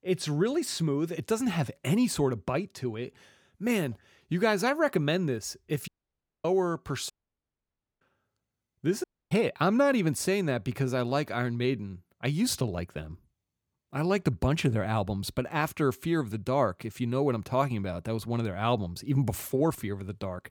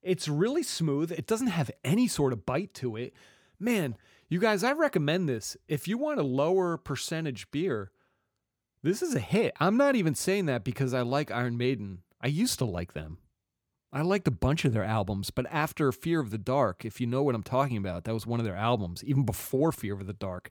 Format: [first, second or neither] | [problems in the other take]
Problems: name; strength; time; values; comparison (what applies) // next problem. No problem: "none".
second | audio cutting out; at 6 s for 0.5 s, at 7 s for 1 s and at 9 s